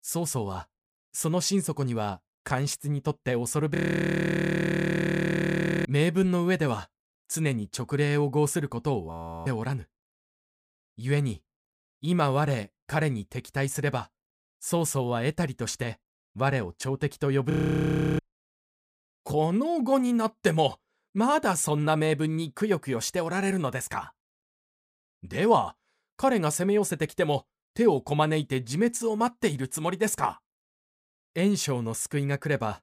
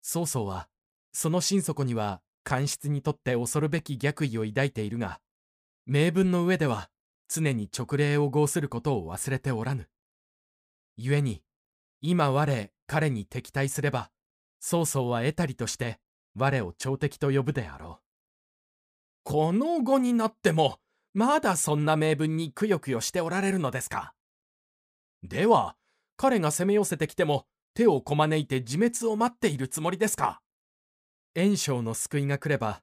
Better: second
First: audio freezing; at 4 s for 2 s, at 9 s and at 18 s for 0.5 s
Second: none

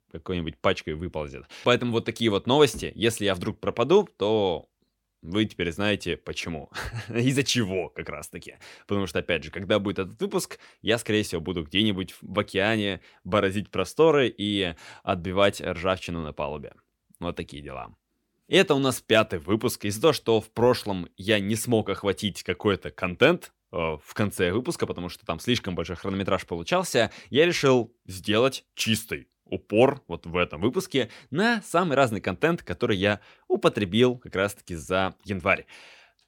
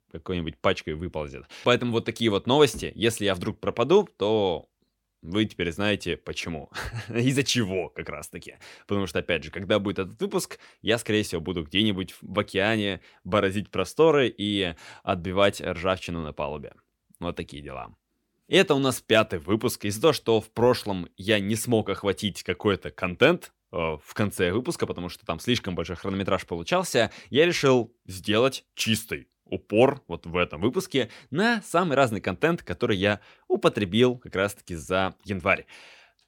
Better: neither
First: none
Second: none

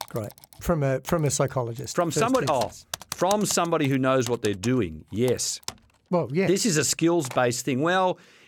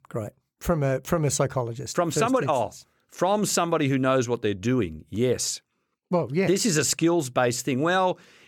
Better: second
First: keyboard typing; noticeable; until 7.5 s; peak 9 dB below the speech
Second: none

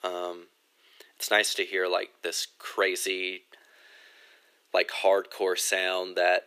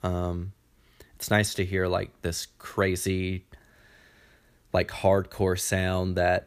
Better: second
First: thin; very; fading below 350 Hz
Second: none

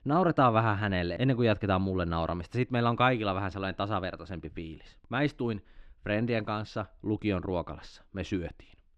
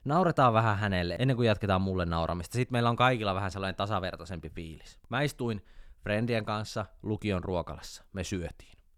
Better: second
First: muffled; very slightly; fading above 3 kHz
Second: none

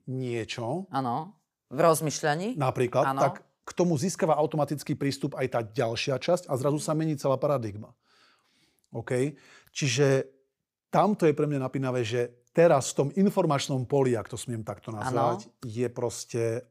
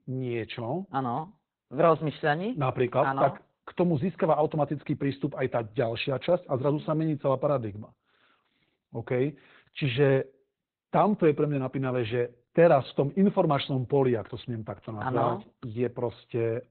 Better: first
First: none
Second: garbled, watery; badly; nothing above 4 kHz

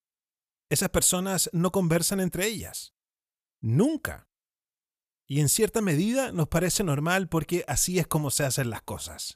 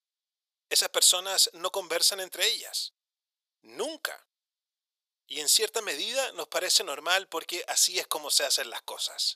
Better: first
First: none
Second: thin; very; fading below 500 Hz

